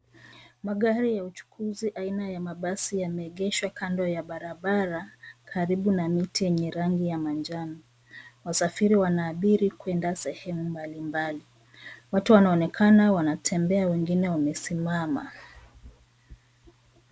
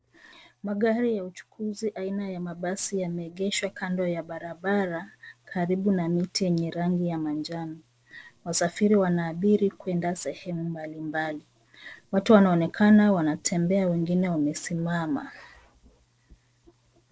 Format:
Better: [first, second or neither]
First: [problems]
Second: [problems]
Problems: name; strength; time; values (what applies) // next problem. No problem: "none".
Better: first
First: none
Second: noise reduction (neural separator model SepFormer DNS4)